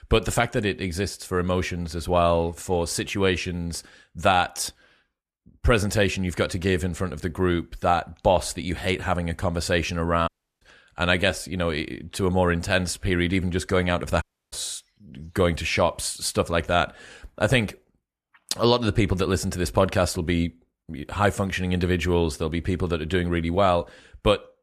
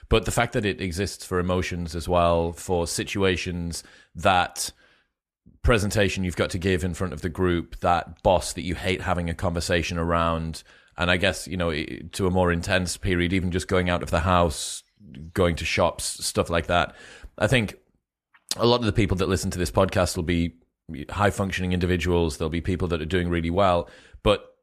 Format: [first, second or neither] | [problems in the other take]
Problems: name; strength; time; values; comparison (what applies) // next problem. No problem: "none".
second | audio cutting out; at 10 s and at 14 s